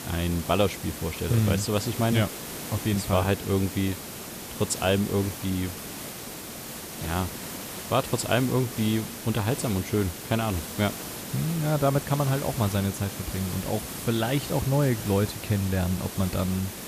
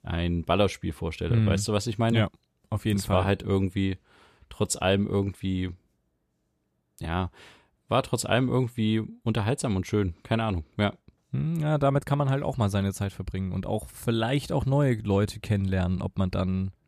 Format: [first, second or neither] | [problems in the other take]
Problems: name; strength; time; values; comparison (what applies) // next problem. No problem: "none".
second | hiss; loud; throughout; 8 dB below the speech